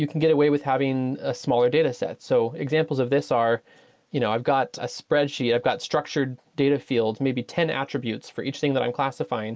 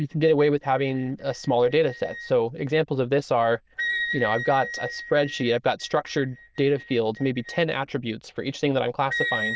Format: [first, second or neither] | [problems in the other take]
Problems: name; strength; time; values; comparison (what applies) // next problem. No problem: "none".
first | noise reduction (neural diffusion model UNIVERSE++)